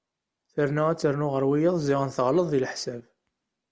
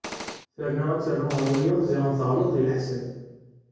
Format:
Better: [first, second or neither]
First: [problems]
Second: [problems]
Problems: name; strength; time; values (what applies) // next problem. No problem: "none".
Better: first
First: none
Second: background sound (Gunshot, gunfire); 10 dB below the speech // room echo; dies away in 1.3 s